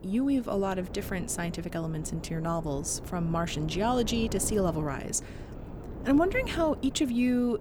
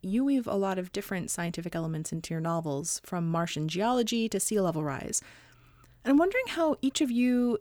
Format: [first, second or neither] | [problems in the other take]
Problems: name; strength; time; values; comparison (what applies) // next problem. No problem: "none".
second | wind noise on the microphone; occasional gusts; 15 dB below the speech